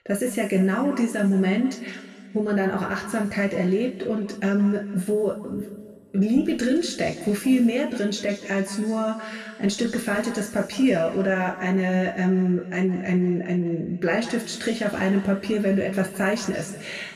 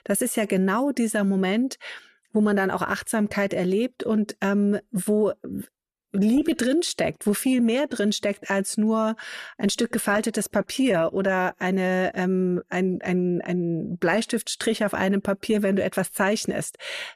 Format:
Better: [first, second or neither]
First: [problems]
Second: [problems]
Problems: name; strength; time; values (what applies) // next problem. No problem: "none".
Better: second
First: room echo; noticeable; dies away in 1.9 s // off-mic speech; somewhat distant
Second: none